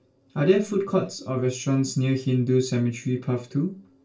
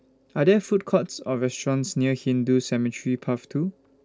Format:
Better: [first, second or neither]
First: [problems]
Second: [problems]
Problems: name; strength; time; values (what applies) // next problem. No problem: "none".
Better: second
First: room echo; dies away in 0.2 s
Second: none